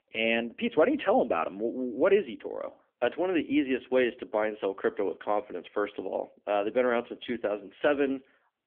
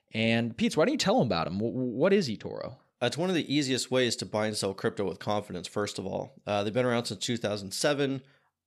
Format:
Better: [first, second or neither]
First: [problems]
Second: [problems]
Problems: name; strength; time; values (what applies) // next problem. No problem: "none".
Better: second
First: phone-call audio; nothing above 3 kHz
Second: none